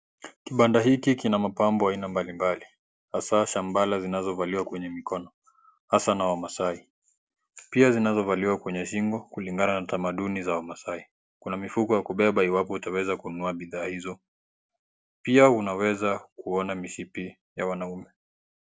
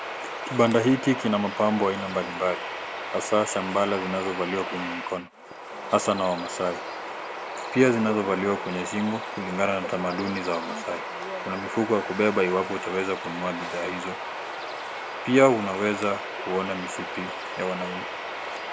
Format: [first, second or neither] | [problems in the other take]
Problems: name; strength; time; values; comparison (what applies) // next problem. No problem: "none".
first | background sound (Bird vocalization, bird call, bird song); 7 dB below the speech